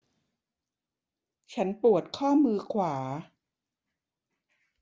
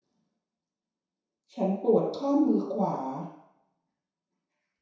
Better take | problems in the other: first | room echo; dies away in 0.7 s

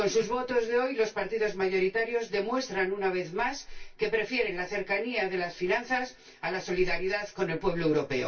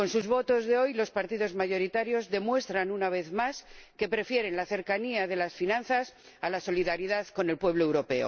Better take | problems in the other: second | room echo; dies away in 0.2 s

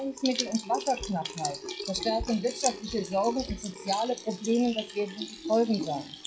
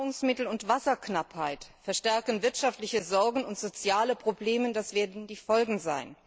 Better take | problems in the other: second | noise reduction (classical method WPE with log-MMSE)

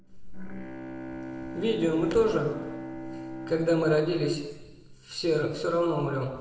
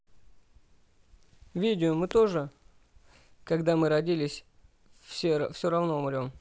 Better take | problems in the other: second | background sound (Bowed string instrument); 12 dB below the speech // room echo; dies away in 1.3 s

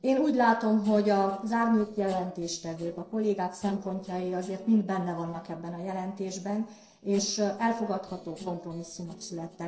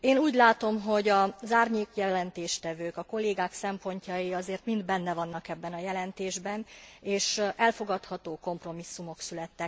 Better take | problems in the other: second | noise reduction (neural separator model SepFormer DNS4)

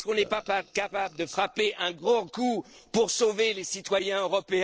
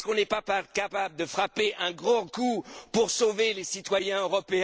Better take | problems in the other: second | noise reduction (neural separator model SepFormer DNS4)

